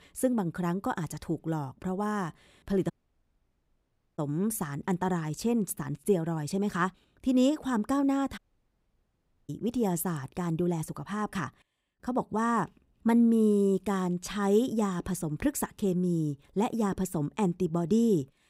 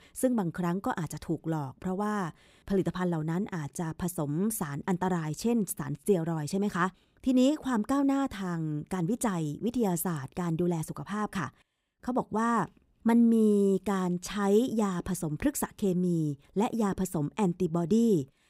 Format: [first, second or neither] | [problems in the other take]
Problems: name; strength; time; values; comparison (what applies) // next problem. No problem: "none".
second | audio cutting out; at 3 s for 1.5 s and at 8.5 s for 1 s